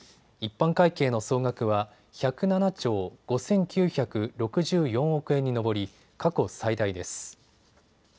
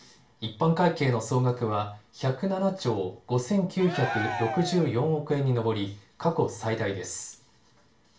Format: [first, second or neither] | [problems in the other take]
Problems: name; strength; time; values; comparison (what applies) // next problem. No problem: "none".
first | background sound (Cheering); 6 dB below the speech // room echo; dies away in 0.3 s